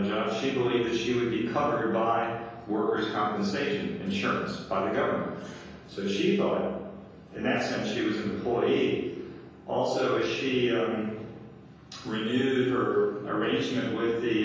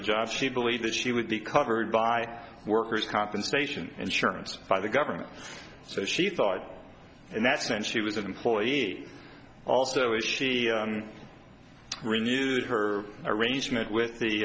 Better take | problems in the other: second | room echo; dies away in 1.3 s

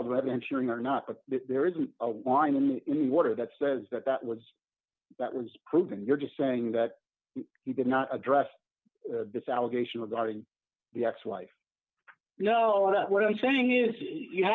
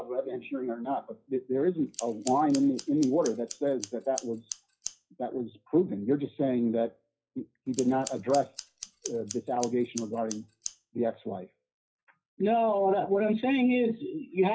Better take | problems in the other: first | noise reduction (classical method WPE with log-MMSE)

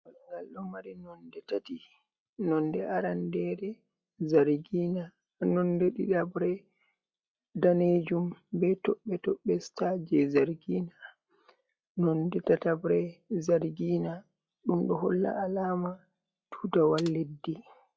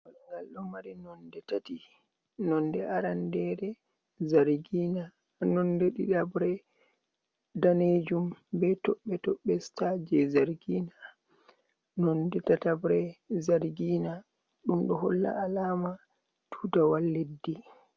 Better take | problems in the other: second | noise reduction (classical method log-MMSE)

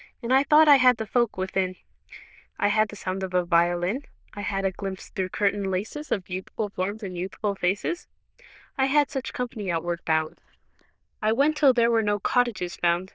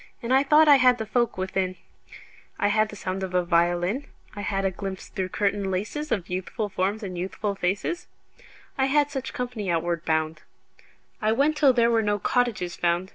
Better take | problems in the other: second | noise reduction (neural diffusion model UNIVERSE++)

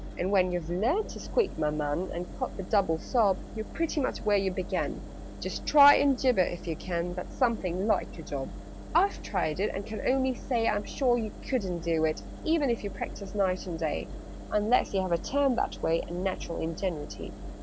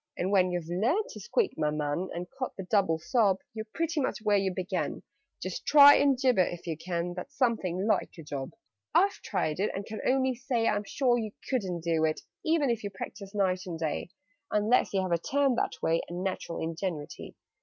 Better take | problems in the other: second | background sound (Engine); 11 dB below the speech

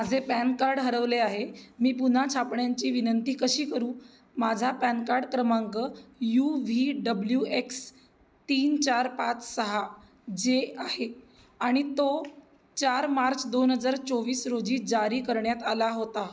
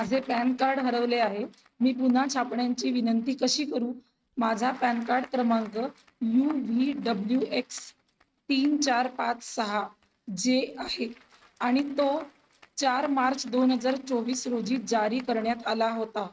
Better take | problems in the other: first | noise reduction (neural mask model RNNoise)

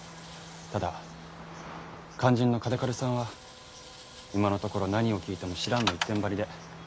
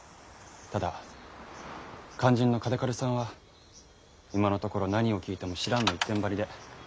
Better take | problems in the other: second | background sound (Bowed string instrument + Sawing); 17 dB below the speech

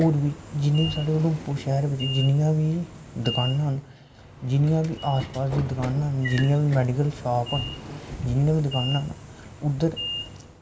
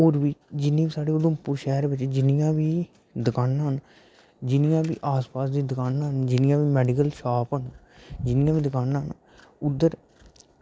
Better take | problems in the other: second | background sound (Sliding door / Train); 12 dB below the speech // room echo; dies away in 1.4 s

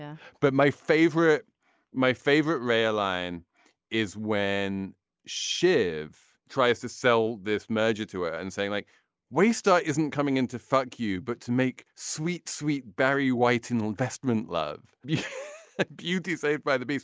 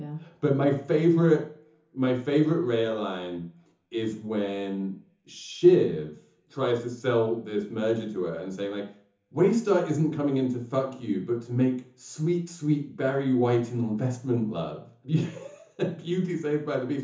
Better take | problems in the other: first | room echo; dies away in 0.6 s

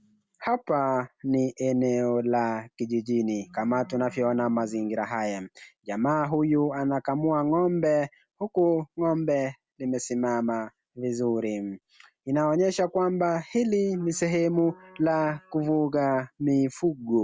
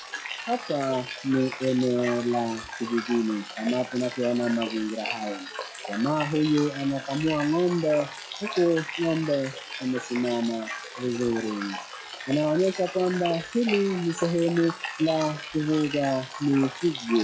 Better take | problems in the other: first | noise reduction (classical method log-MMSE)

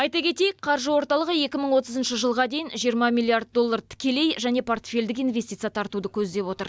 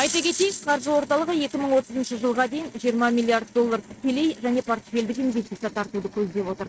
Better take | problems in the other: first | noise reduction (neural mask model RNNoise)

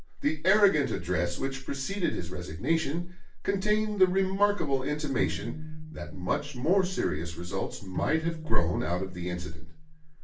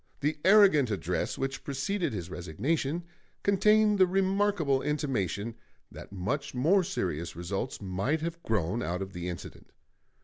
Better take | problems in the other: second | background sound (Bowed string instrument); 14 dB below the speech // room echo; dies away in 0.3 s

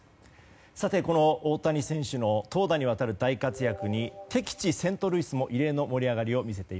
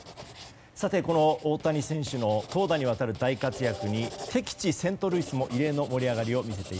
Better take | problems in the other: first | background sound (Writing); 16 dB below the speech

